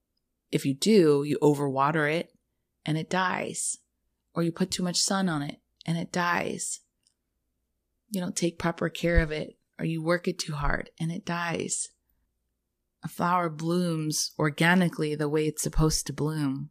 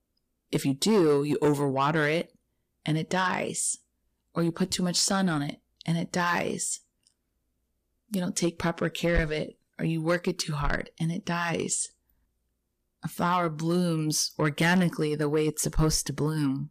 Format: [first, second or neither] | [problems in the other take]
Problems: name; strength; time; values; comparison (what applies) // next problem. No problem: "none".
first | distortion; slight; 10 dB below the speech